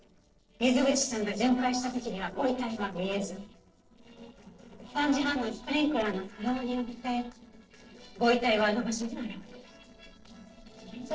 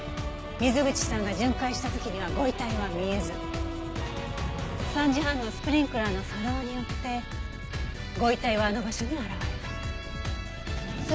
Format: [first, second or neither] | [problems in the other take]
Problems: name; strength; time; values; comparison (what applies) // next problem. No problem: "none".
second | noise reduction (neural separator model SepFormer DNS4)